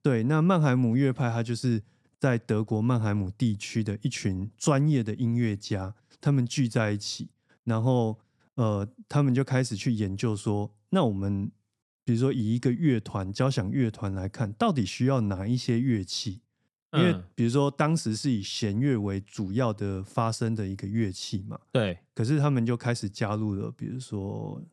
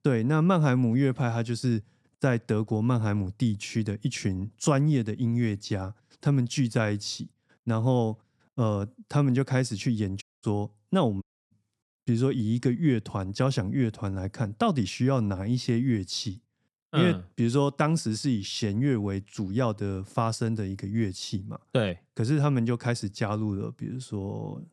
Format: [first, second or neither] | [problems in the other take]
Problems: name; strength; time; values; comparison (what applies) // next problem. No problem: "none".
first | audio cutting out; at 10 s and at 11 s